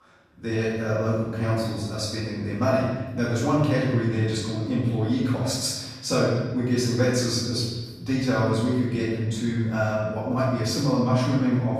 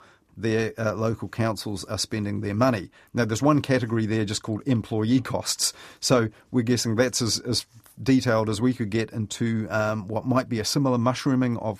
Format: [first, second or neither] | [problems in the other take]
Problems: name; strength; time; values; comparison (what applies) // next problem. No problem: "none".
second | off-mic speech; far // room echo; strong; dies away in 1.3 s